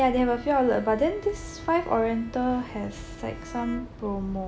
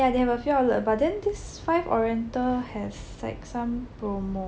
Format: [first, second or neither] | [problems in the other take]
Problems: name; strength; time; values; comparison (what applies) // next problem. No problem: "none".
second | background sound (Bowed string instrument); 19 dB below the speech